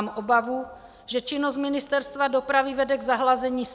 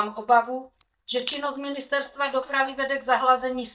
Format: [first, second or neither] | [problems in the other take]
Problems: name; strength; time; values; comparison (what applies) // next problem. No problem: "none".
first | noise reduction (neural mask model DeepFilterNet 3)